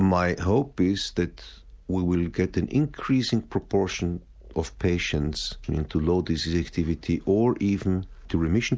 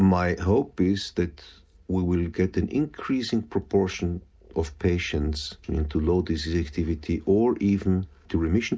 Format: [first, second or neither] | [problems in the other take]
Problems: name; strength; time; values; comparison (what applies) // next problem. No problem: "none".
first | room echo; dies away in 0.3 s